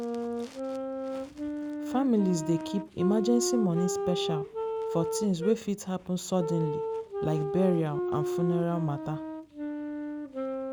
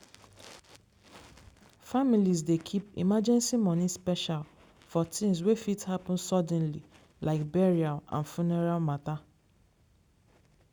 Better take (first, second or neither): second